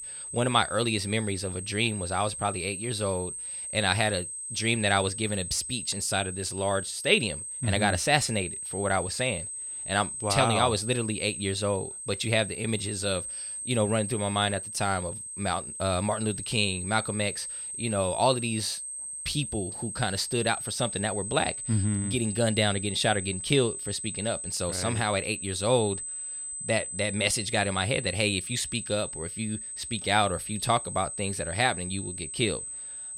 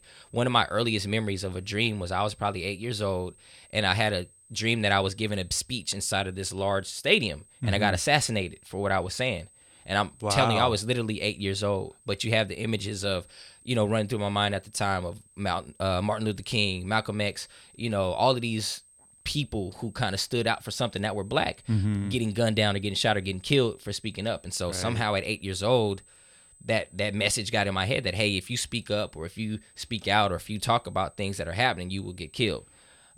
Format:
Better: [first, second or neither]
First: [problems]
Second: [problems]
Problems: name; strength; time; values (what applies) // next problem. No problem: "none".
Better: second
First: high-pitched whine; loud; throughout; 8.5 kHz, 6 dB below the speech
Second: high-pitched whine; faint; throughout; 8.5 kHz, 30 dB below the speech